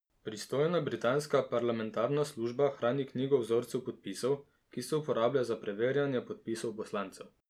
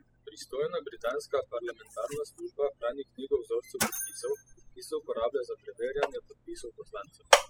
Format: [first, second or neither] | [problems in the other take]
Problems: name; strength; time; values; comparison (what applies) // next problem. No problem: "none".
first | noise reduction (classical method spectral subtraction)